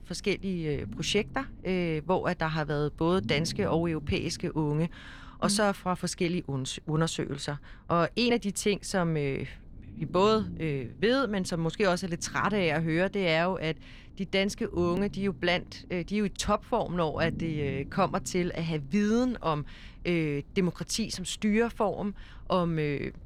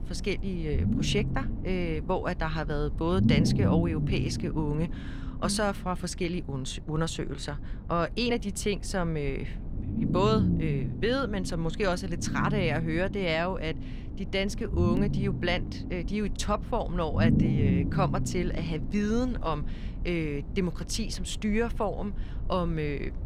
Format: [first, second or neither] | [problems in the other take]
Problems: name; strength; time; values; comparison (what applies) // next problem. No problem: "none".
first | low rumble; loud; throughout; 8 dB below the speech; faint in the first